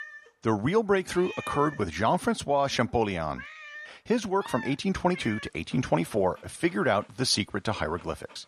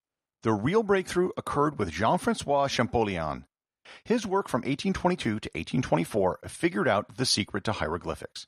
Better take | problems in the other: second | animal sounds; noticeable; throughout; 15 dB below the speech

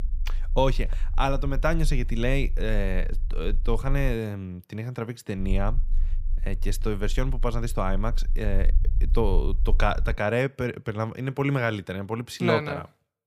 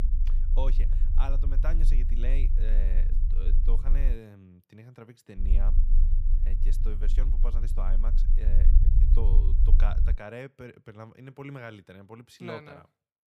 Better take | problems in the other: first | low rumble; loud; until 4 s and from 5.5 to 10 s; 6 dB below the speech; faint in the first

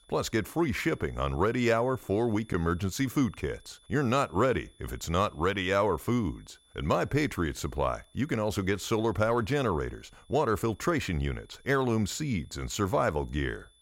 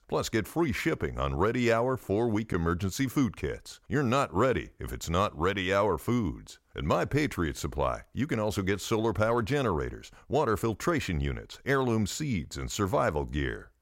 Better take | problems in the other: second | high-pitched whine; faint; throughout; 3.5 kHz, 30 dB below the speech

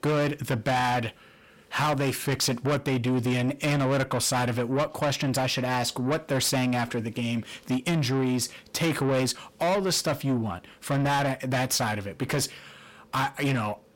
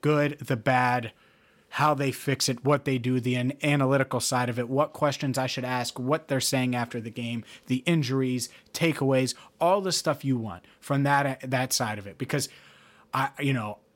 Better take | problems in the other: second | distortion; heavy; 7 dB below the speech

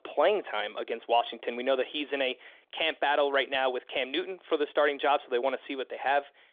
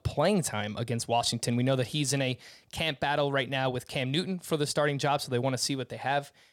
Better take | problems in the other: second | phone-call audio; nothing above 3.5 kHz

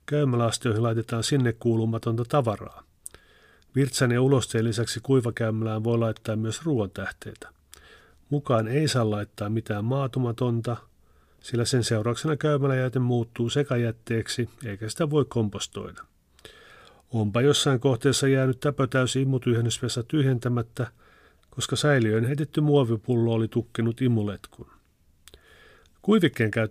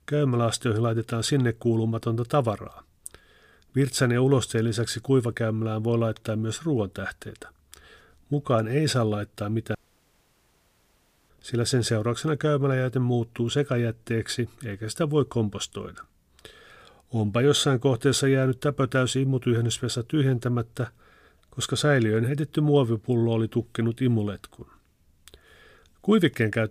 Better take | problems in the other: first | audio cutting out; at 10 s for 1.5 s

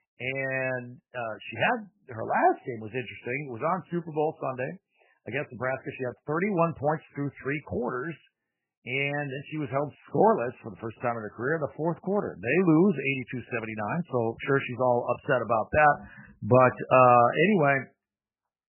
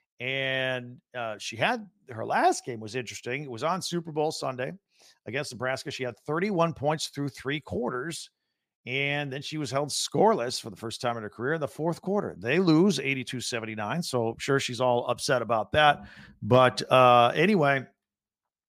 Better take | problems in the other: second | garbled, watery; badly; nothing above 3 kHz

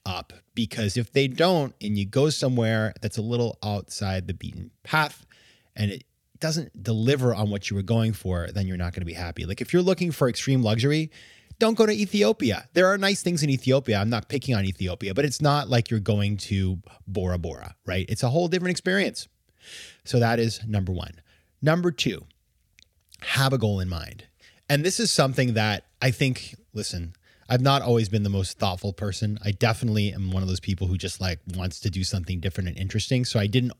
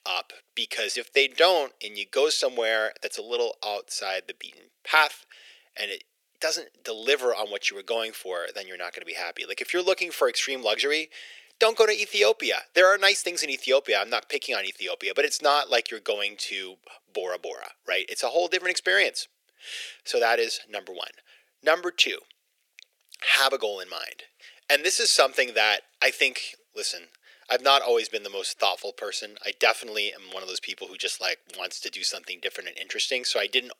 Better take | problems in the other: first | thin; very; fading below 400 Hz

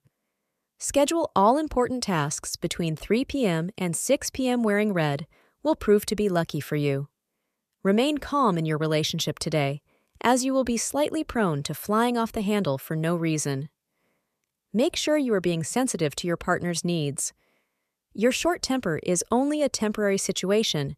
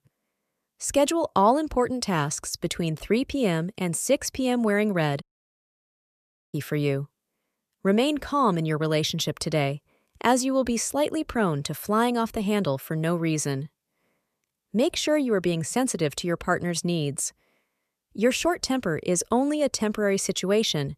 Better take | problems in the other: first | audio cutting out; at 5 s for 1.5 s

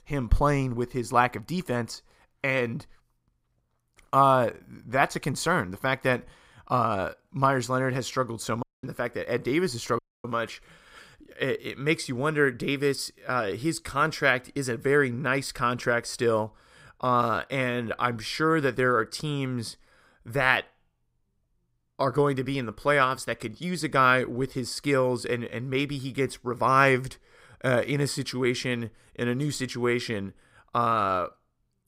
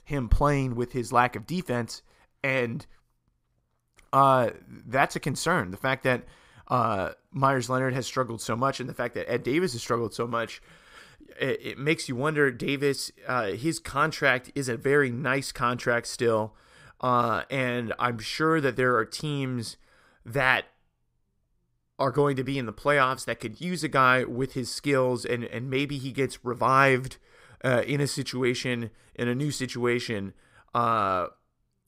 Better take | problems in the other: second | audio cutting out; at 8.5 s and at 10 s

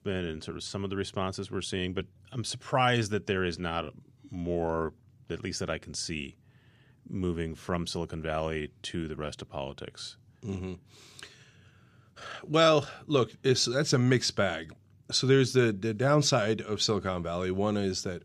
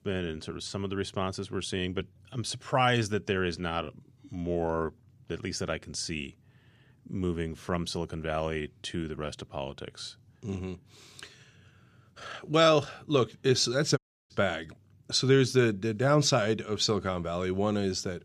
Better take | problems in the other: first | audio cutting out; at 14 s

